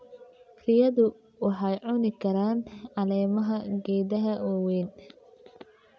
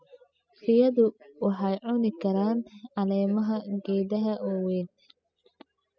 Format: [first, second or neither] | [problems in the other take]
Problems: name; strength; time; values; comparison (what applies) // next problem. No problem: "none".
first | noise reduction (classical method spectral subtraction)